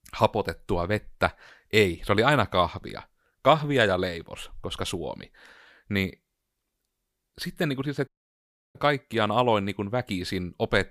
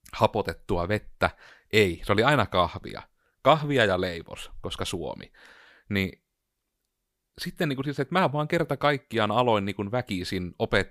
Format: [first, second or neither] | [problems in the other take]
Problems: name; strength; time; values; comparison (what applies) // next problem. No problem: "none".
second | audio cutting out; at 8 s for 0.5 s